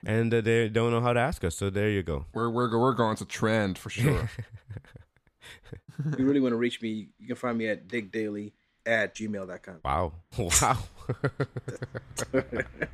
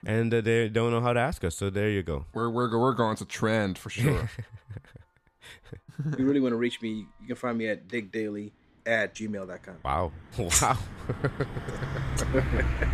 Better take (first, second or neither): first